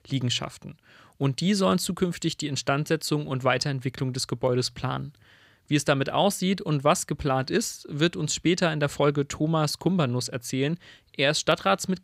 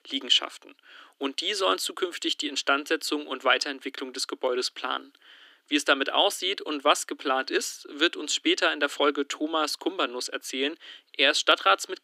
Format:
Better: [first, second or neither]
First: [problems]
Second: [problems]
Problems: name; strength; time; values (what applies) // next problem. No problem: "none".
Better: first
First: none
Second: thin; somewhat; fading below 300 Hz